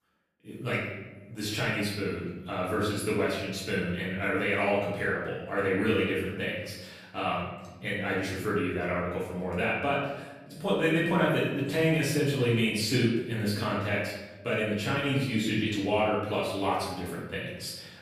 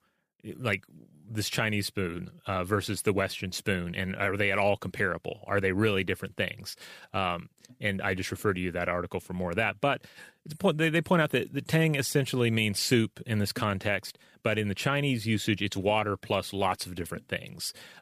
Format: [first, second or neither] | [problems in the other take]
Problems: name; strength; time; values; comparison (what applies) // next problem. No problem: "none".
second | room echo; noticeable; dies away in 0.9 s // off-mic speech; far